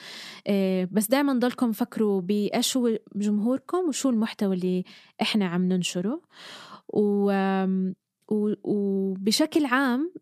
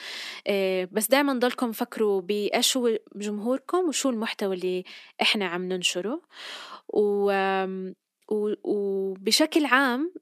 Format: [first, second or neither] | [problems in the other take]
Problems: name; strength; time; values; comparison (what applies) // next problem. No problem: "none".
first | thin; somewhat; fading below 300 Hz